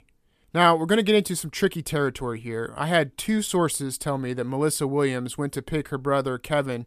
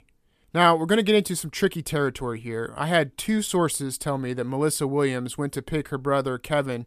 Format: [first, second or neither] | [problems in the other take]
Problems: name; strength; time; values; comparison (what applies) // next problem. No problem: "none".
neither | none